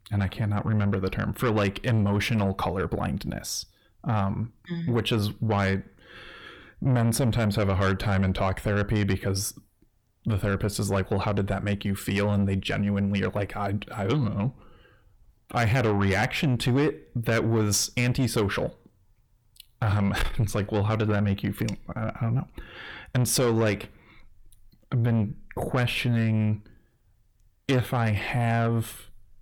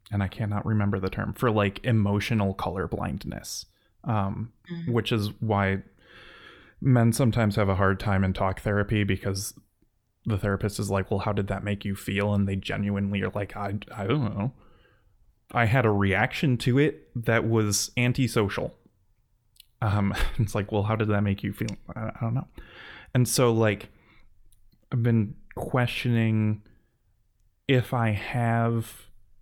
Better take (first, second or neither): second